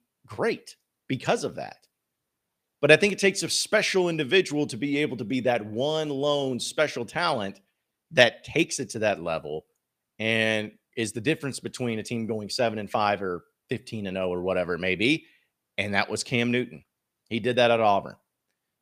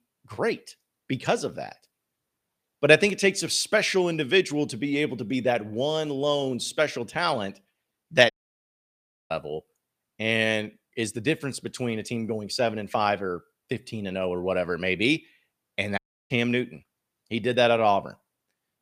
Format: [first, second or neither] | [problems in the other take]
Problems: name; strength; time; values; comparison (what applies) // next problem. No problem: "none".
first | audio cutting out; at 8.5 s for 1 s and at 16 s